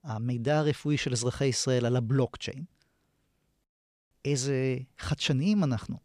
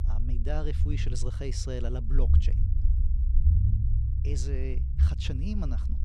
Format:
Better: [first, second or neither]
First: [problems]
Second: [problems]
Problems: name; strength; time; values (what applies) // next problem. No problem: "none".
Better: first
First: none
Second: low rumble; loud; throughout; 5 dB below the speech